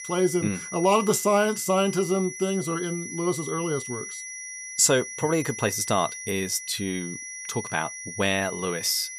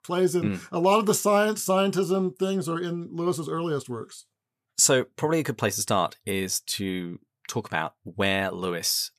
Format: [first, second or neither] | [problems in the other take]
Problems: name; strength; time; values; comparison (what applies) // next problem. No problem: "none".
second | high-pitched whine; loud; throughout; 2 kHz, 9 dB below the speech